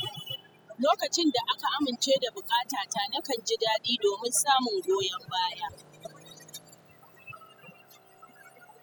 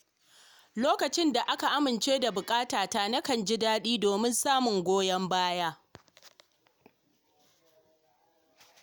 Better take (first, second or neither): second